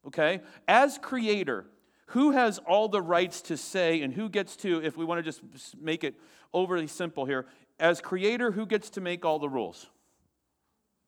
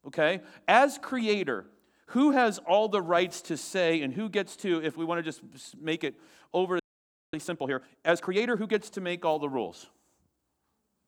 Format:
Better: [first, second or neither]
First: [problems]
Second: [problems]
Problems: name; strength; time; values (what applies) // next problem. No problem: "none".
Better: first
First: none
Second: audio freezing; at 7 s for 0.5 s